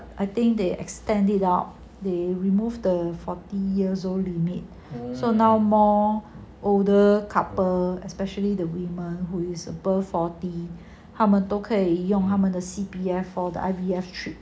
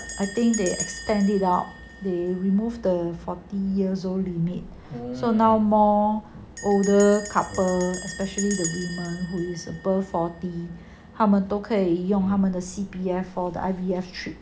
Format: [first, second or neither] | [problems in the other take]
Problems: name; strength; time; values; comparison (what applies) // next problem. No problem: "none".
first | background sound (Bell); 16 dB below the speech